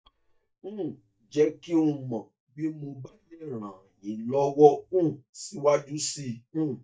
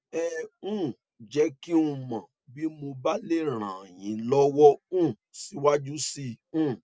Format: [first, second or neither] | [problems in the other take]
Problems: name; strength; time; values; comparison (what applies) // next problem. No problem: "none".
second | noise reduction (neural mask model DeepFilterNet 3)